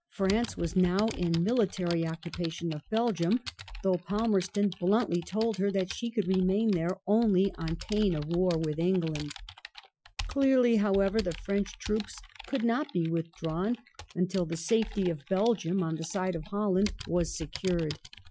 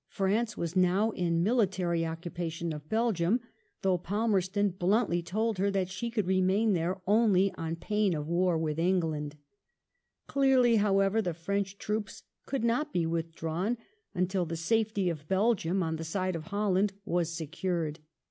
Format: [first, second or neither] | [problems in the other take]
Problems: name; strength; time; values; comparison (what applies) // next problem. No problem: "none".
second | noise reduction (classical method Wiener filter)